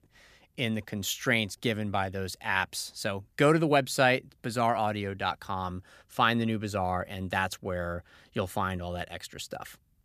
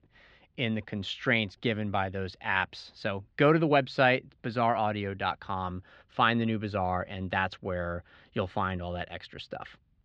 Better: first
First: none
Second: muffled; slightly; fading above 4 kHz

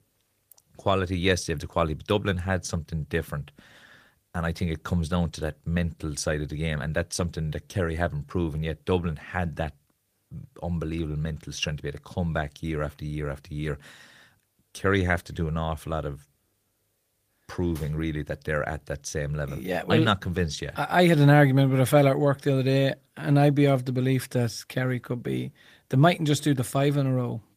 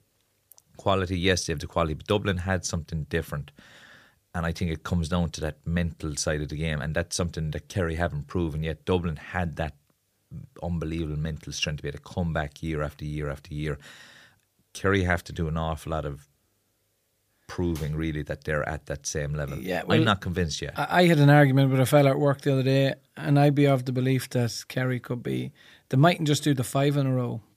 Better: second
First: garbled, watery; slightly; nothing above 15 kHz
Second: none

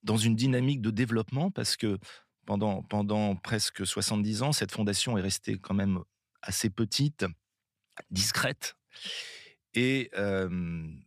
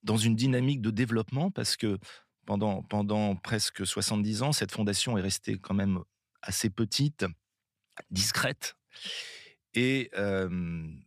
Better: neither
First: none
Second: none

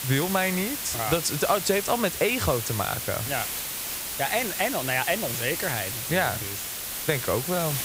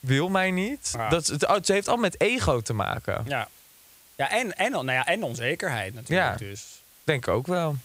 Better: second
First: hiss; loud; throughout; 3 dB below the speech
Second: hiss; faint; throughout; 25 dB below the speech

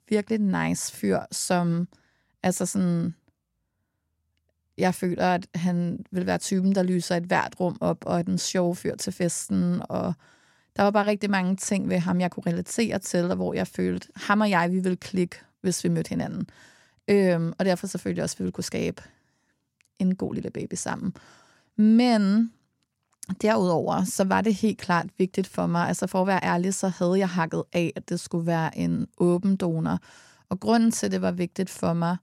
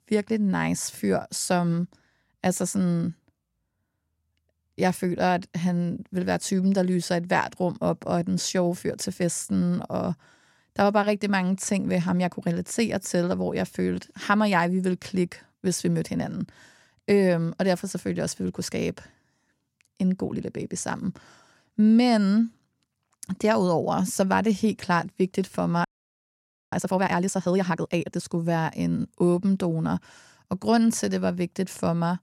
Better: first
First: none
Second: audio freezing; at 26 s for 1 s

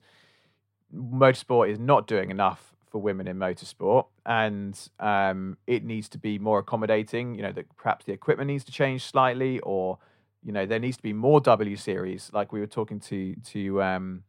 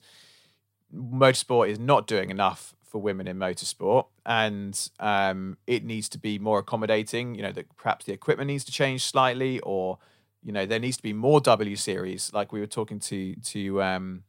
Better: second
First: muffled; slightly; fading above 3.5 kHz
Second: none

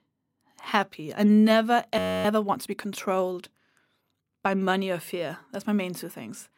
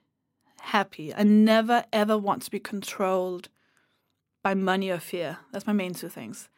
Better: second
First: audio freezing; at 2 s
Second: none

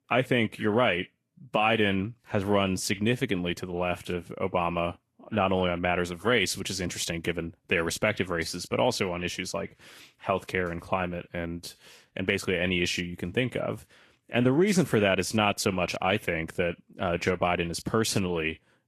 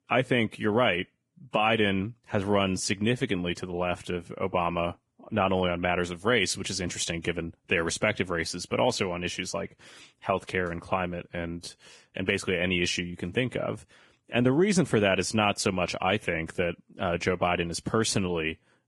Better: first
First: garbled, watery; slightly; nothing above 13 kHz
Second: garbled, watery; badly; nothing above 10.5 kHz

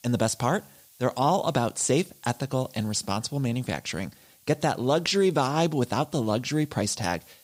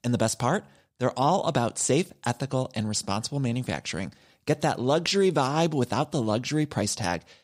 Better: second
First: hiss; faint; throughout; 25 dB below the speech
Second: none

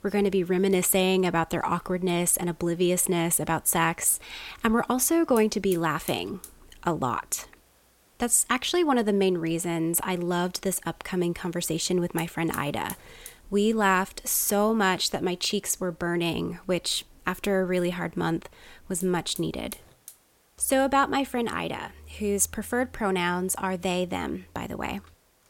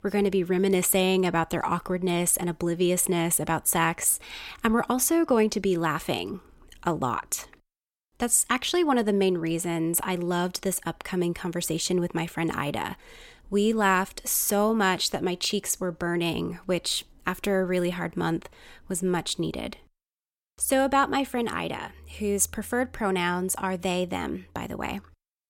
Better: second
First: hiss; faint; throughout; 20 dB below the speech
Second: none

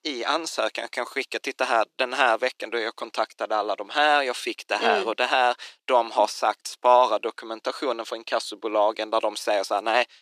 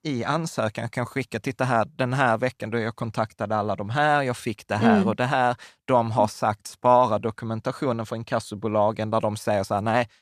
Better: second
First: thin; very; fading below 300 Hz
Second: none

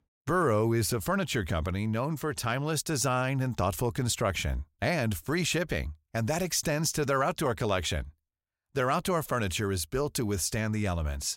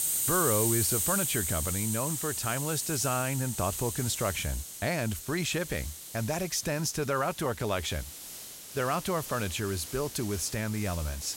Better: first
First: none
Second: hiss; loud; throughout; 1 dB below the speech

